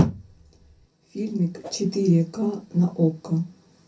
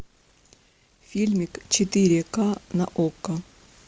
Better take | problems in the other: second | background sound (Whoosh, swoosh, swish); 19 dB below the speech // room echo; dies away in 0.3 s

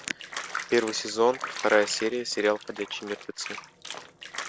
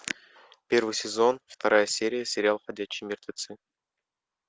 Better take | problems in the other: second | background sound (Bathtub (filling or washing)); 10 dB below the speech

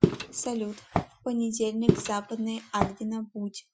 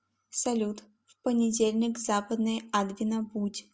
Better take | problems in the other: second | noise reduction (classical method Wiener filter)

